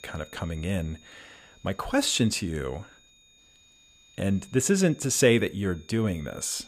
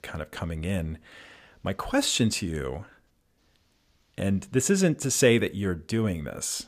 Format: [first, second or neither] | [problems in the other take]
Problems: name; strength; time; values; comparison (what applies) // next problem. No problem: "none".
second | high-pitched whine; faint; throughout; 3.5 kHz, 25 dB below the speech